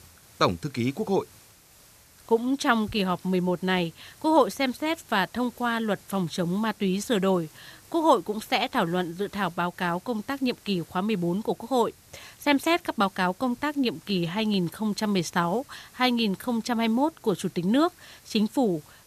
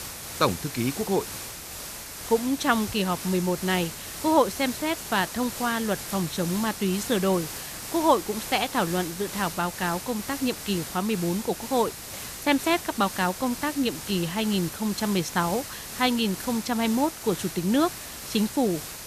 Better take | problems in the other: first | hiss; loud; throughout; 8 dB below the speech; faint in the first

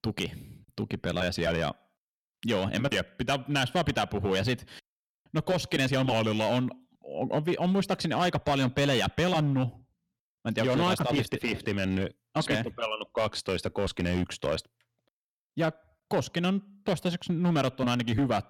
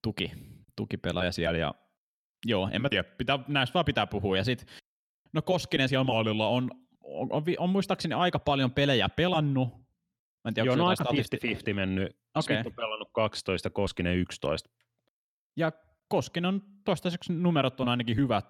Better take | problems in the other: second | distortion; slight; 6% of the sound clipped

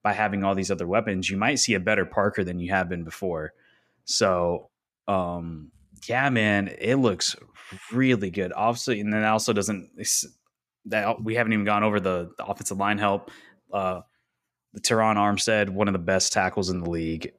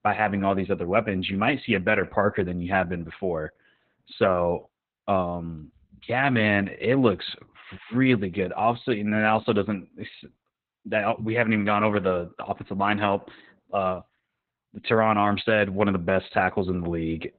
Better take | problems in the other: first | garbled, watery; badly; nothing above 4 kHz

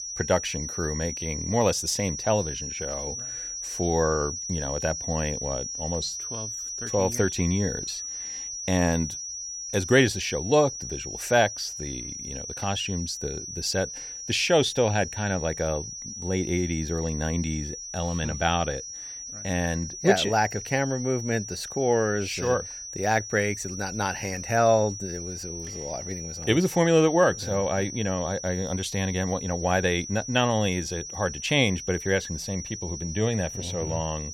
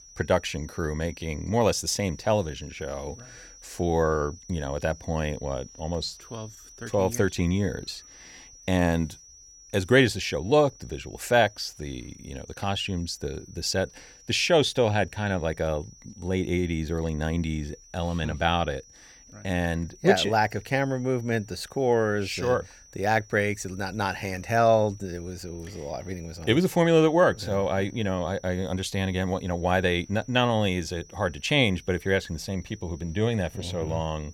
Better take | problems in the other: second | high-pitched whine; loud; throughout; 6 kHz, 7 dB below the speech; faint in the second

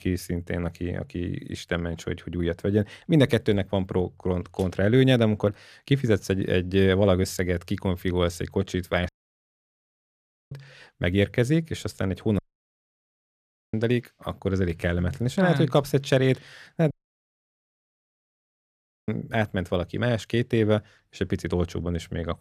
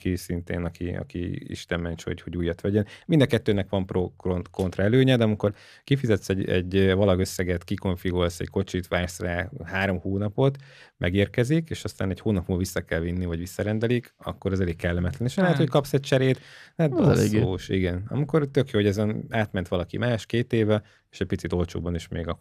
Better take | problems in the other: second | audio cutting out; at 9 s for 1.5 s, at 12 s for 1.5 s and at 17 s for 2 s

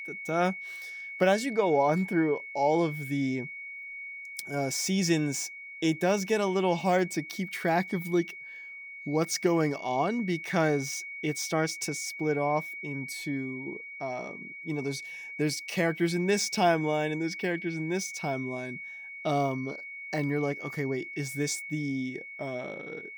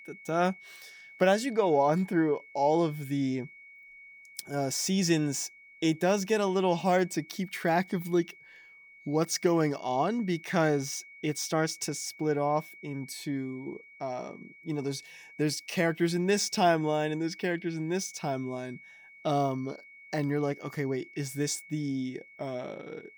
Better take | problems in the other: second | high-pitched whine; loud; throughout; 2 kHz, 10 dB below the speech; faint in the second

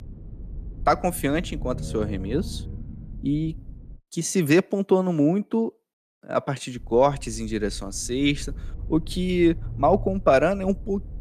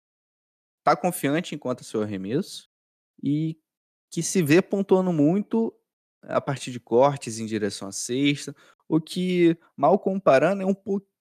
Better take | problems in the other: second | low rumble; faint; until 4 s and from 7 s on; 25 dB below the speech

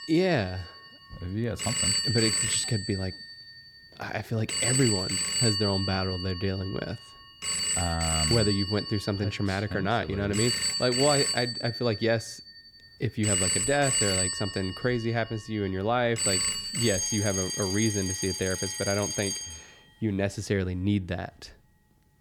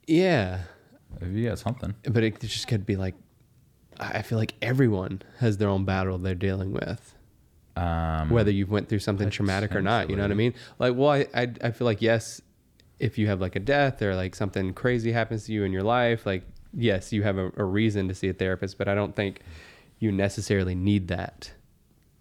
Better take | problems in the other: second | alarms or sirens; very loud; throughout; 2 dB above the speech

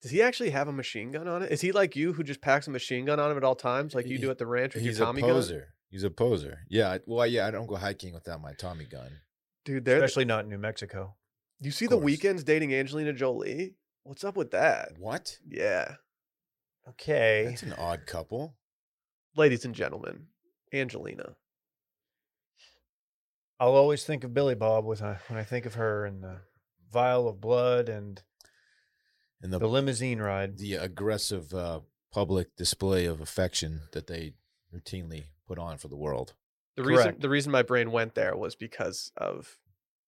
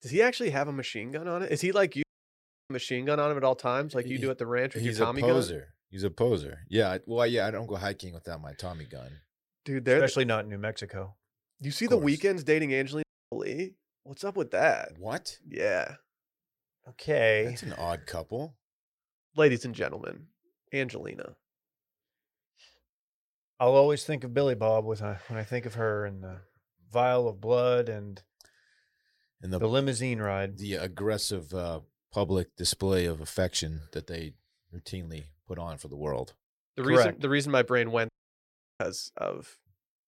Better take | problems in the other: first | audio cutting out; at 2 s for 0.5 s, at 13 s and at 38 s for 0.5 s

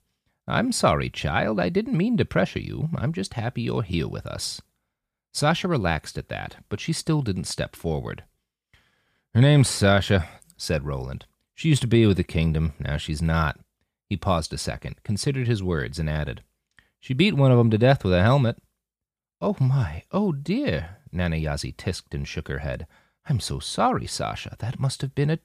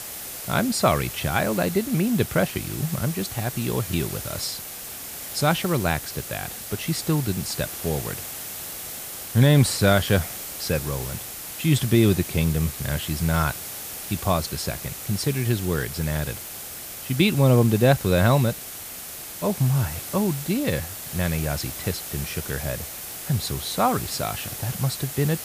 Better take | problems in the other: first | hiss; loud; throughout; 8 dB below the speech

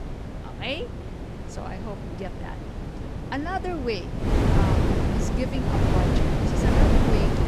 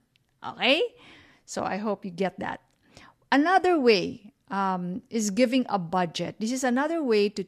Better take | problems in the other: second | wind noise on the microphone; heavy; 3 dB above the speech

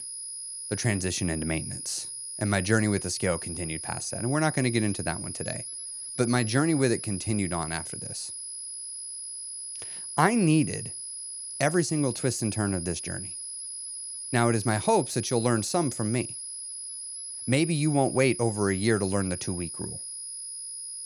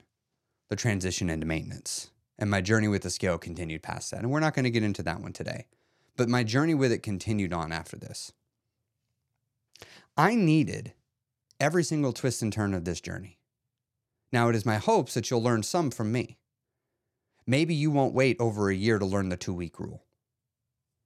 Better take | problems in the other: second | high-pitched whine; loud; throughout; 10.5 kHz, 7 dB below the speech

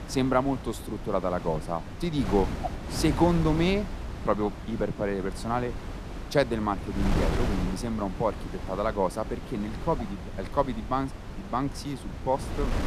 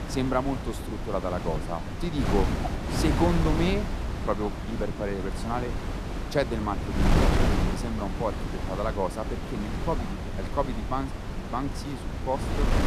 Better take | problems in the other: first | wind noise on the microphone; heavy; 3 dB below the speech; occasional gusts in the first

